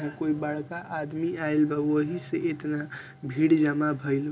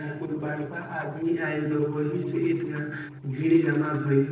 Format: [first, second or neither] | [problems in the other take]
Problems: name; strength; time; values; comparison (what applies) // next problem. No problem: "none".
first | noise reduction (neural separator model SepFormer DNS4)